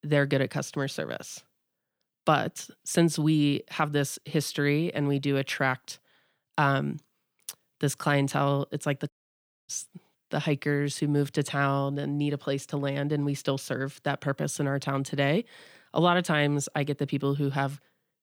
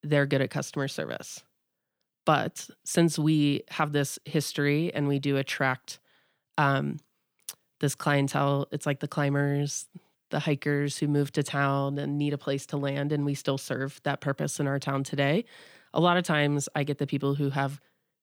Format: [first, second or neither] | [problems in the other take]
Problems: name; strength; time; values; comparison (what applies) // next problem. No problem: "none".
second | audio cutting out; at 9 s for 0.5 s